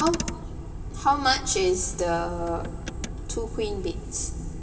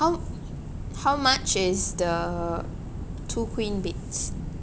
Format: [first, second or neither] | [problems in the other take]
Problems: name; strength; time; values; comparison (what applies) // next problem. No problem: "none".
second | background sound (Motor vehicle (road)); 15 dB below the speech // room echo; dies away in 2.6 s